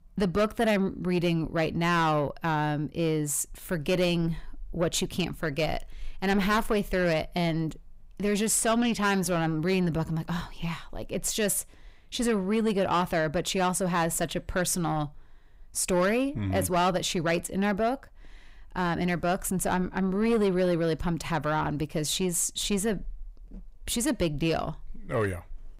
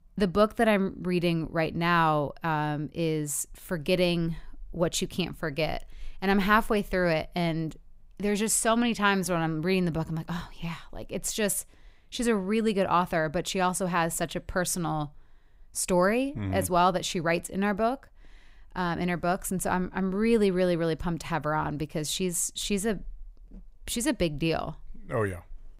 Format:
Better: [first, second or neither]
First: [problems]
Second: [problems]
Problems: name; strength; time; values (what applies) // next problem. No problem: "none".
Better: second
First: distortion; slight; 10 dB below the speech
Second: none